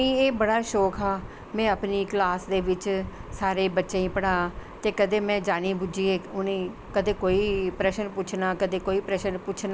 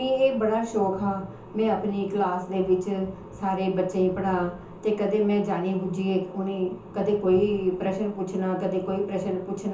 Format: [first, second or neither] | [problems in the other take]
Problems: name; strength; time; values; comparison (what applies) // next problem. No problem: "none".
first | room echo; dies away in 0.6 s